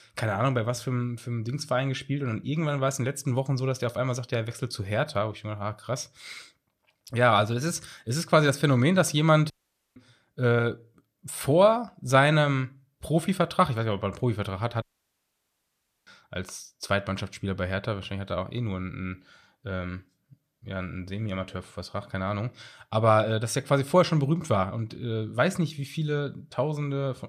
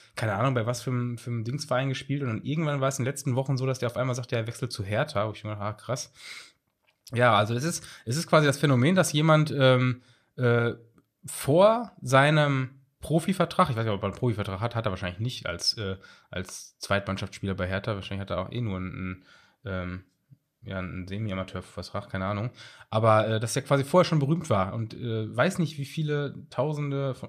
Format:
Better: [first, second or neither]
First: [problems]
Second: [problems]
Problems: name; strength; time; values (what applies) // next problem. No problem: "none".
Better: second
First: audio cutting out; at 9.5 s and at 15 s for 1.5 s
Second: none